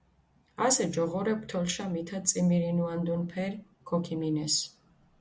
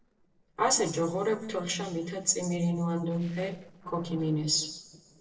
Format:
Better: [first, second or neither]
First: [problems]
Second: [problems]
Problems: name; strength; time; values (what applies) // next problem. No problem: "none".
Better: first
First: none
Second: noise reduction (neural separator model SepFormer DNS4)